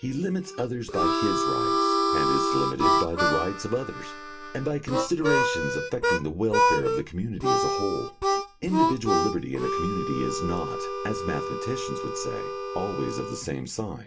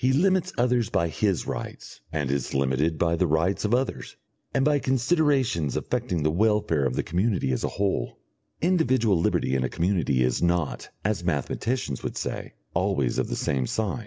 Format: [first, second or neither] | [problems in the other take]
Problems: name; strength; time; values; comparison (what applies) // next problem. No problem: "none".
second | background sound (Harmonica); 3 dB above the speech // room echo; dies away in 0.2 s